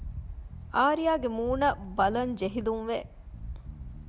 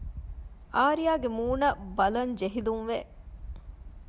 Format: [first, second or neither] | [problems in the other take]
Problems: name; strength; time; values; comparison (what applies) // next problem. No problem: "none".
second | background sound (Bass guitar); 18 dB below the speech